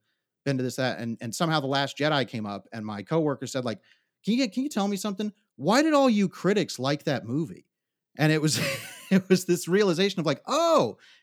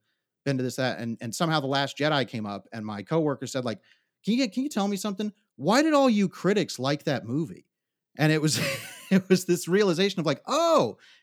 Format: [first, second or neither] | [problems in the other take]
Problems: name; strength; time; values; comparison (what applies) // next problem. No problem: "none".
neither | none